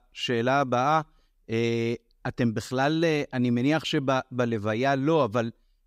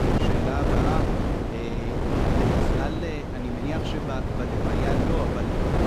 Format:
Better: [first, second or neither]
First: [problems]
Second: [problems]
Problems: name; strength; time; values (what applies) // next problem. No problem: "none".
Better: first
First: none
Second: wind noise on the microphone; heavy; 5 dB above the speech